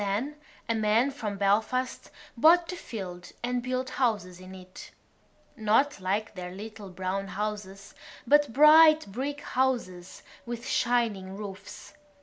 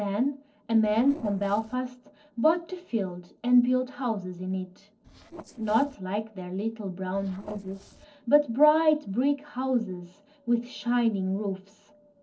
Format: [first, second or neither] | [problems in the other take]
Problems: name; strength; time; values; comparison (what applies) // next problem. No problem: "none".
first | noise reduction (neural separator model SepFormer DNS4)